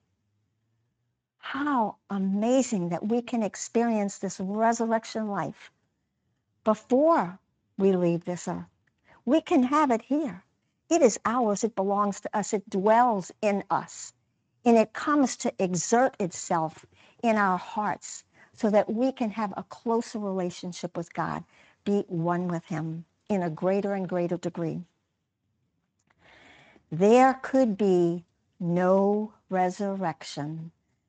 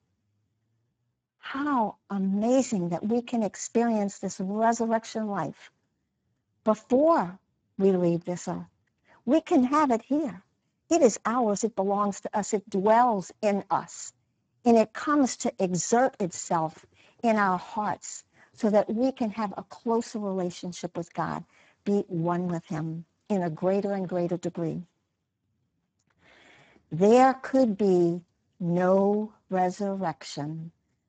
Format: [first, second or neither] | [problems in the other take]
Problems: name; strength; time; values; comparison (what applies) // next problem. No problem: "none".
first | garbled, watery; badly; nothing above 7.5 kHz; slightly in the first